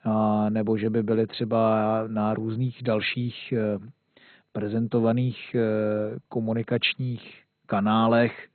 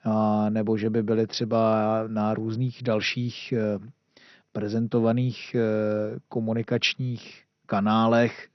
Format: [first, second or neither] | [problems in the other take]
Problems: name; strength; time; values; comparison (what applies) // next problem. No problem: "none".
second | garbled, watery; badly; nothing above 4 kHz; slightly in the second